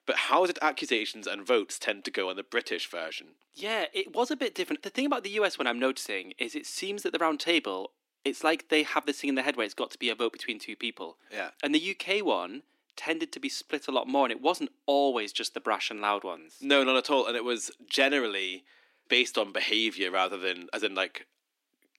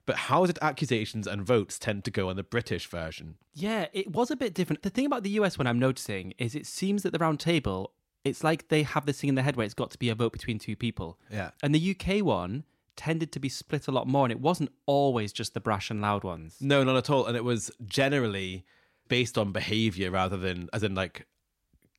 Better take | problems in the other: second | thin; somewhat; fading below 300 Hz

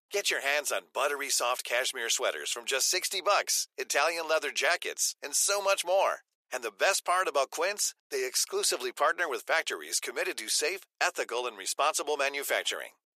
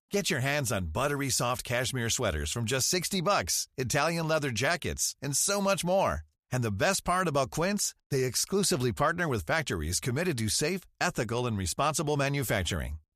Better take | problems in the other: second | thin; very; fading below 400 Hz

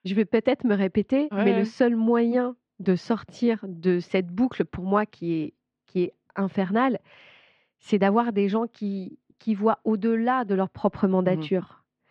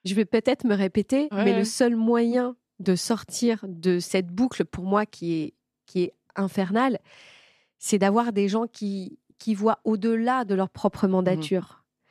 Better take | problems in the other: second | muffled; slightly; fading above 3 kHz

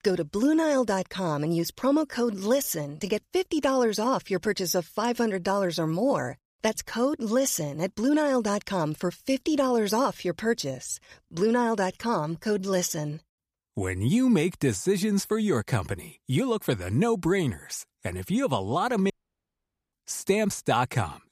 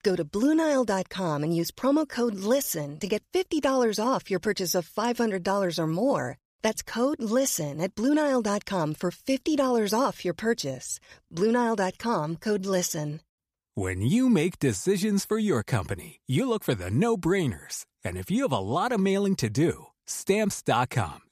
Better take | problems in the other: second | audio cutting out; at 19 s for 1 s

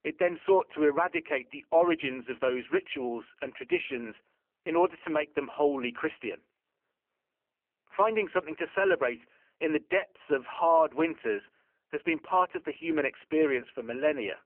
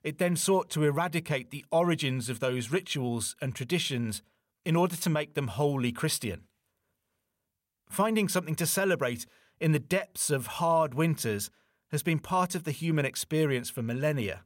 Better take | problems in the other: second | phone-call audio; poor line; nothing above 3 kHz

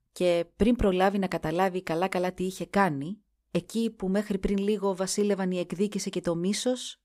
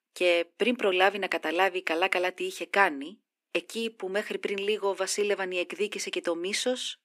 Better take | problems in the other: first | thin; somewhat; fading below 250 Hz

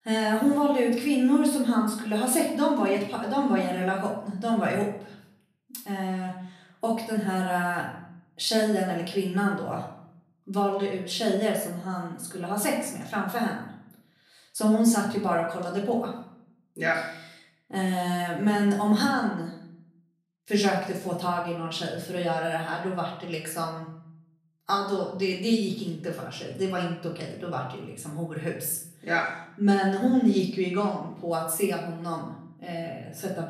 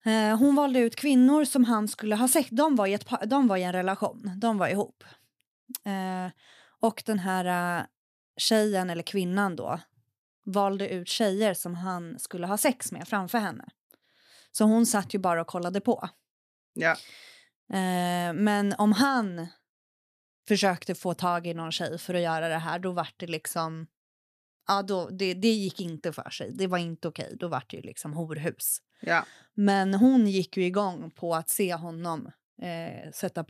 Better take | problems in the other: second | off-mic speech; far // room echo; noticeable; dies away in 0.6 s

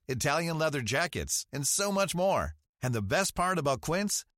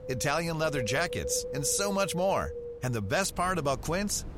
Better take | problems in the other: first | wind noise on the microphone; heavy; 9 dB below the speech

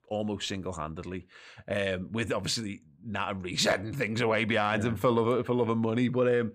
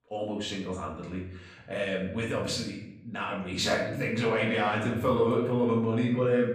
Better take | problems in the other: first | off-mic speech; far // room echo; noticeable; dies away in 0.6 s

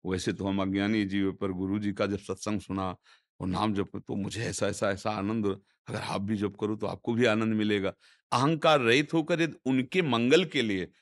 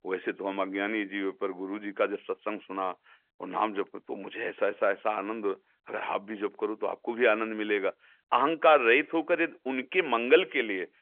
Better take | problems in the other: first | phone-call audio; nothing above 3.5 kHz

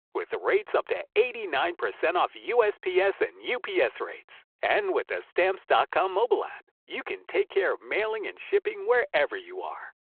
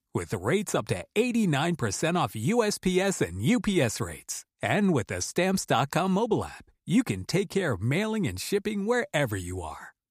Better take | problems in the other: second | phone-call audio

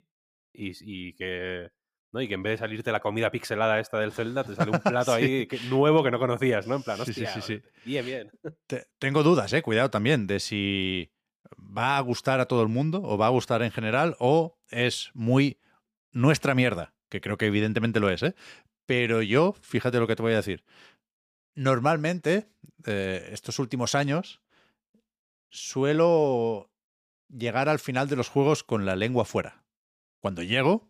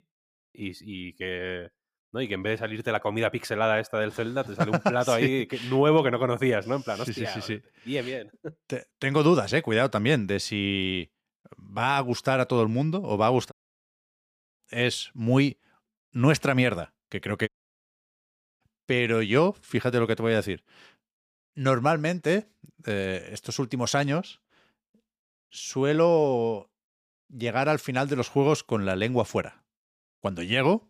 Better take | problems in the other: first | audio cutting out; at 14 s for 1 s and at 17 s for 1 s

